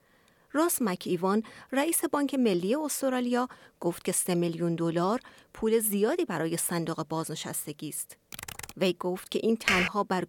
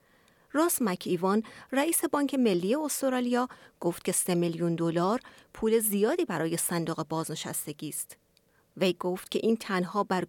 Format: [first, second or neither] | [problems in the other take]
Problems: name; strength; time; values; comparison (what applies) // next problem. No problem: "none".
second | keyboard typing; faint; at 8.5 s; peak 10 dB below the speech // keyboard typing; loud; at 9.5 s; peak 3 dB above the speech